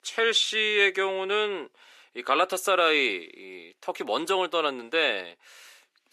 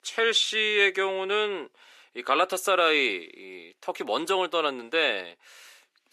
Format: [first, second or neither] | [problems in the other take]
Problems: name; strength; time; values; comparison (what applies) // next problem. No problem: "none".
neither | thin; very; fading below 350 Hz; the same in both